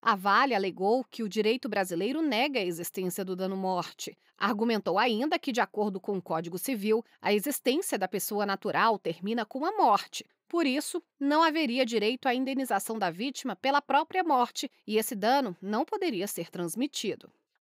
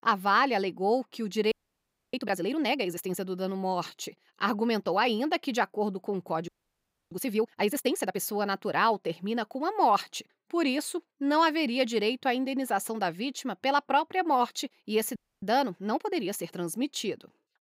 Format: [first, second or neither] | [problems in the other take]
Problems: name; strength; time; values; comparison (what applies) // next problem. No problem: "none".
first | audio freezing; at 1.5 s for 0.5 s, at 6.5 s for 0.5 s and at 15 s